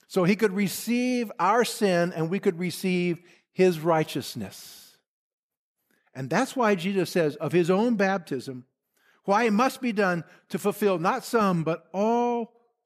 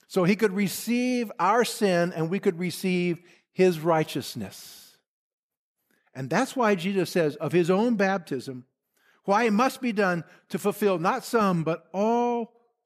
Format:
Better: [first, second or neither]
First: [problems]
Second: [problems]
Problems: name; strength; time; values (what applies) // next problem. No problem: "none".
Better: neither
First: none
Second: none